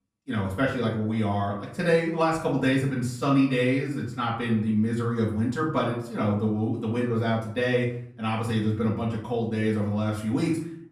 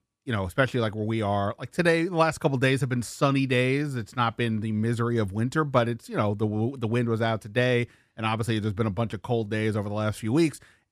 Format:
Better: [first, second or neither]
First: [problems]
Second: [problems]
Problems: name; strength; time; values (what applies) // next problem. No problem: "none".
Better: second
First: off-mic speech; far // room echo; slight; dies away in 0.5 s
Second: none